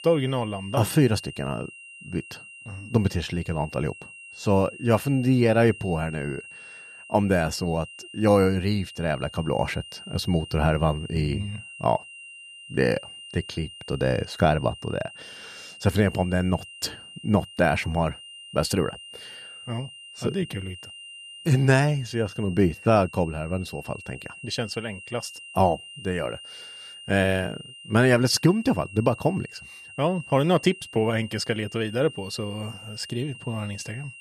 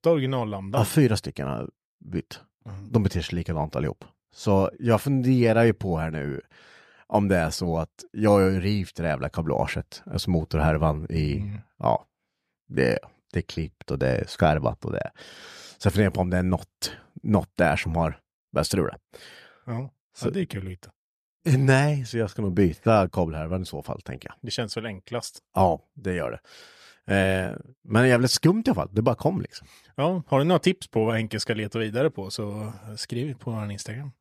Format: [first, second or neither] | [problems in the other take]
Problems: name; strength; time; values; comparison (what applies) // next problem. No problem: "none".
second | high-pitched whine; noticeable; throughout; 3 kHz, 15 dB below the speech